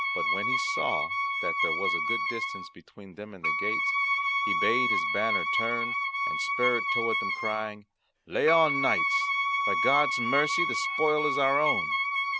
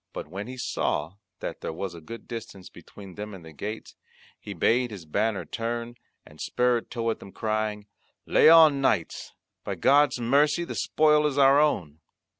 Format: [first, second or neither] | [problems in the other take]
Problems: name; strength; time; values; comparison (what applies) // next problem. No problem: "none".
second | background sound (Wind instrument, woodwind instrument); 3 dB above the speech